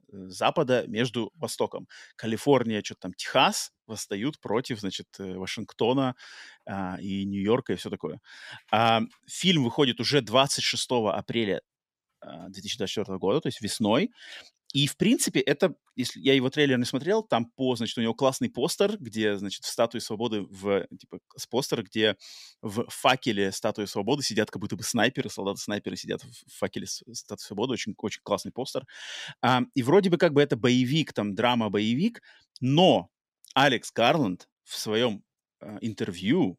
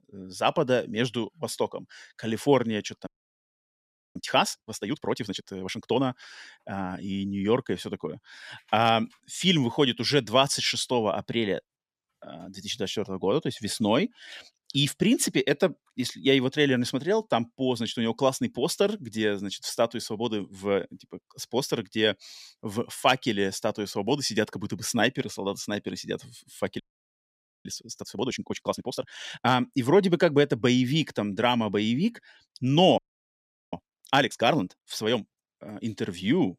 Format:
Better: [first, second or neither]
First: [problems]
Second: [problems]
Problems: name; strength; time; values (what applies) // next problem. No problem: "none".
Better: first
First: none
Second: audio freezing; at 3 s for 1 s, at 27 s for 1 s and at 33 s for 1 s